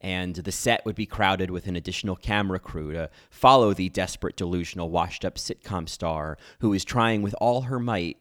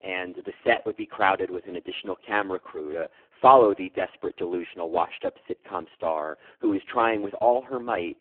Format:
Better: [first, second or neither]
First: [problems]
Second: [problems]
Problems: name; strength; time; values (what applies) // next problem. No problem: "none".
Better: first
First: none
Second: phone-call audio; poor line